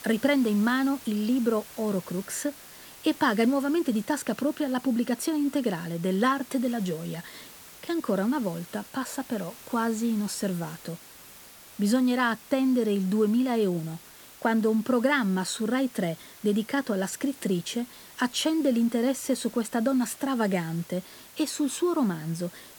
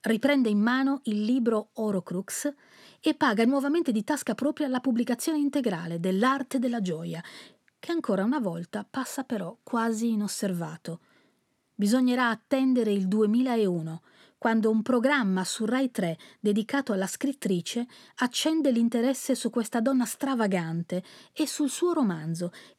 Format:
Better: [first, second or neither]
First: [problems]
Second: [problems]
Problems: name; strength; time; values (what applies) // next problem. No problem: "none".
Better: second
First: hiss; noticeable; throughout; 20 dB below the speech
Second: none